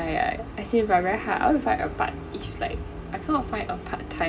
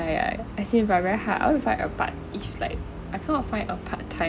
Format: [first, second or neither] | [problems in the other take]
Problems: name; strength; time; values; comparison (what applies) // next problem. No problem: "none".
second | room echo; dies away in 0.9 s